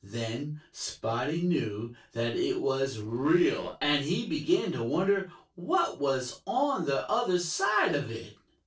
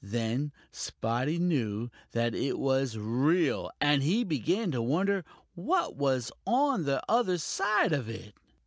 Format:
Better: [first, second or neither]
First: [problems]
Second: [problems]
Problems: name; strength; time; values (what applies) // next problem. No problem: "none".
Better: second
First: noise reduction (neural separator model SepFormer DNS4)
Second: none